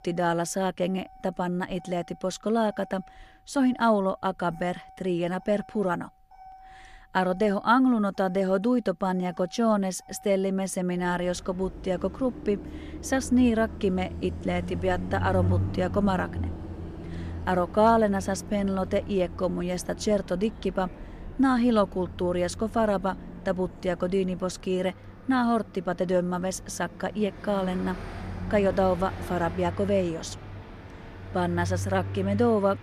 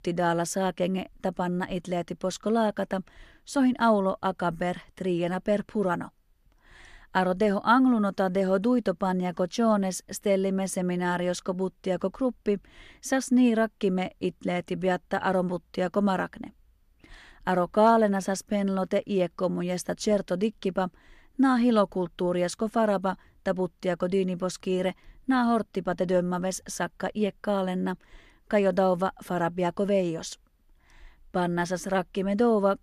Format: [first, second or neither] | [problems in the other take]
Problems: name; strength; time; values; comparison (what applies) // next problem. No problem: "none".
second | traffic noise; noticeable; throughout; 10 dB below the speech